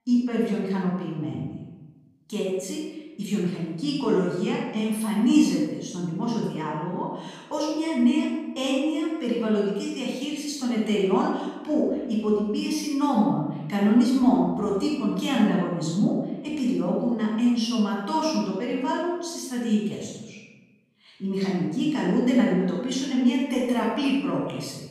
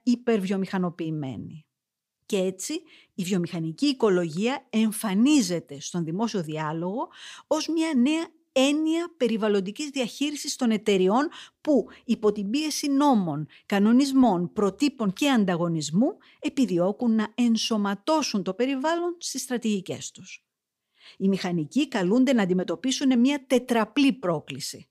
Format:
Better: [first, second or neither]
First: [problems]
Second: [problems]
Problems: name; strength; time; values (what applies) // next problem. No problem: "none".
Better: second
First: off-mic speech; far // room echo; strong; dies away in 1 s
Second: none